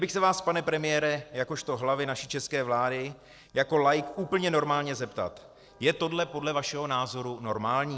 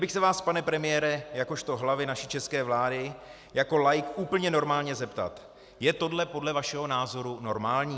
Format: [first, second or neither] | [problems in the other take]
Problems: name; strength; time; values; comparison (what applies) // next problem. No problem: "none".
second | noise reduction (neural separator model SepFormer DNS4)